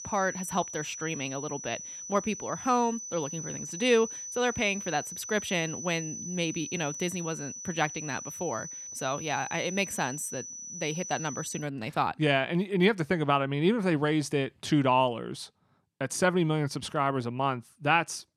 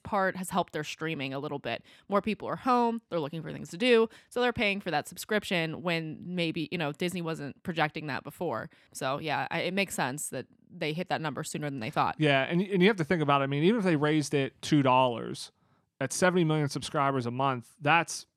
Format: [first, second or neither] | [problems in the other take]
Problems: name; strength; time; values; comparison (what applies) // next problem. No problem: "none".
second | high-pitched whine; loud; until 12 s; 6 kHz, 8 dB below the speech